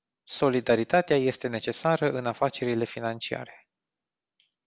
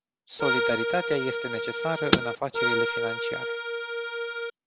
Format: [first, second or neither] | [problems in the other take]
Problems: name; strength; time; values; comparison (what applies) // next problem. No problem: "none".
first | background sound (Accordion + Car); 4 dB above the speech